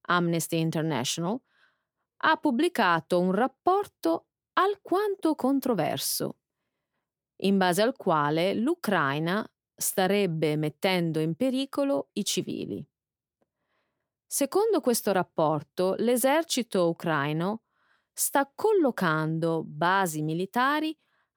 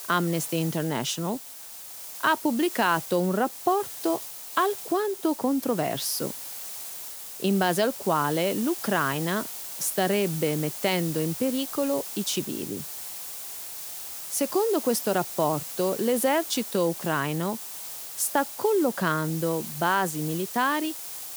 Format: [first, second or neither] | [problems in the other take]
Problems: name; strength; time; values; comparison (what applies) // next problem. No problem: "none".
first | hiss; loud; throughout; 8 dB below the speech